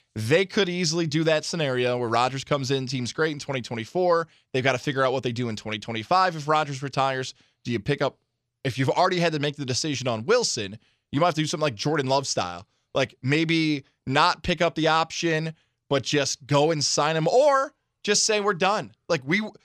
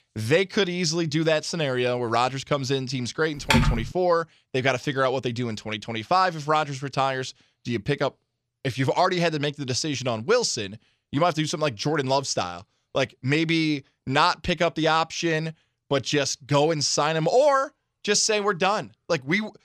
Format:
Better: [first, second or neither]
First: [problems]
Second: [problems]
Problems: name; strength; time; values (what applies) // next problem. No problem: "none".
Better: first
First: none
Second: keyboard typing; loud; at 3.5 s; peak 3 dB above the speech